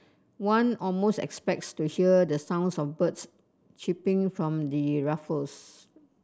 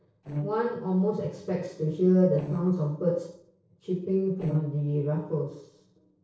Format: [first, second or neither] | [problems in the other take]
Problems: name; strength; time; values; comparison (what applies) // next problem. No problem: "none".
first | noise reduction (neural separator model SepFormer DNS4)